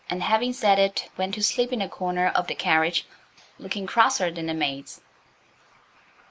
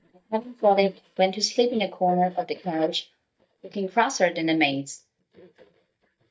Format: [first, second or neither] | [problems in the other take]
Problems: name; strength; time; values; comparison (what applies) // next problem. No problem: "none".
first | noise reduction (neural mask model DeepFilterNet 3)